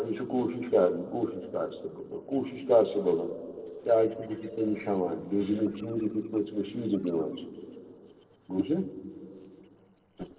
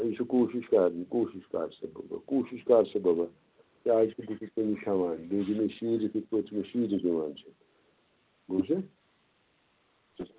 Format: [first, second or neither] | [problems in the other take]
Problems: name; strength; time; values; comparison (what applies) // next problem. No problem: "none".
second | noise reduction (neural separator model SepFormer DNS4)